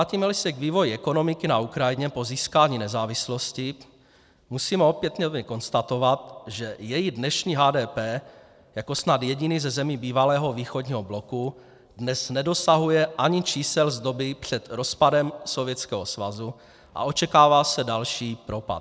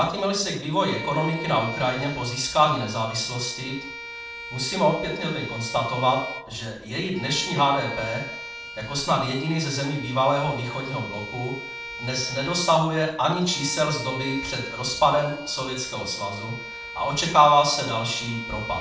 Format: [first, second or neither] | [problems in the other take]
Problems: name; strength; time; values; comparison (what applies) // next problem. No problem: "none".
first | background sound (Bowed string instrument); 11 dB below the speech // room echo; dies away in 0.5 s